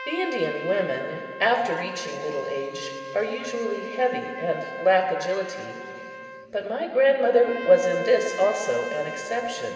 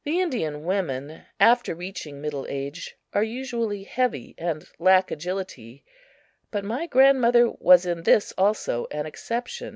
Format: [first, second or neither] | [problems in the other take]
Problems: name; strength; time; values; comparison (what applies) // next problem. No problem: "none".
second | background sound (Trumpet); 12 dB below the speech // room echo; dies away in 2.9 s